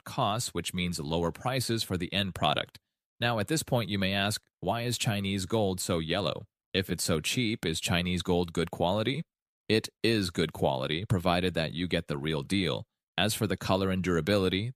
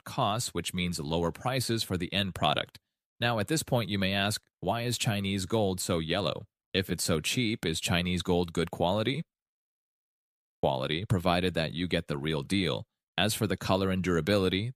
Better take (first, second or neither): first